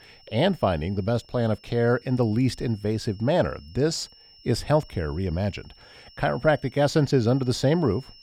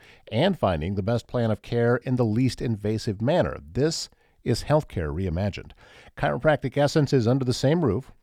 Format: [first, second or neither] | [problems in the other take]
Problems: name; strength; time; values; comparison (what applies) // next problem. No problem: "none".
second | high-pitched whine; faint; throughout; 5.5 kHz, 25 dB below the speech